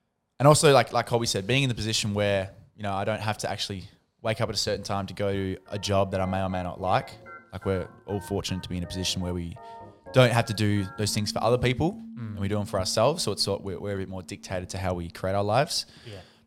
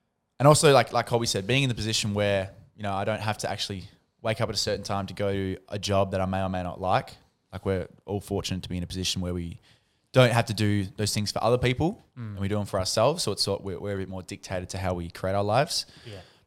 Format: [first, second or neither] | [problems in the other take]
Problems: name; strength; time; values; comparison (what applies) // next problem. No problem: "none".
second | background music; noticeable; from 5.5 s on; 20 dB below the speech